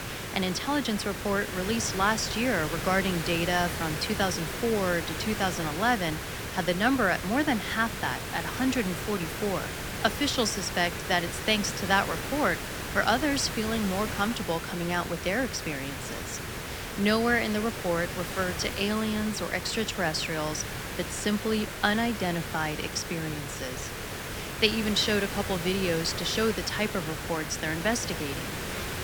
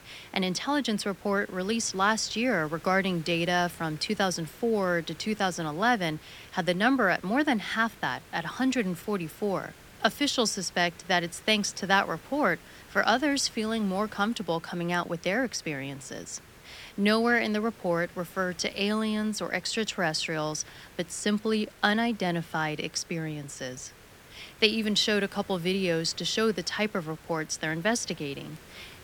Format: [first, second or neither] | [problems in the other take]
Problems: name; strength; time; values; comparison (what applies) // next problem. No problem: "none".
second | hiss; loud; throughout; 6 dB below the speech; faint in the second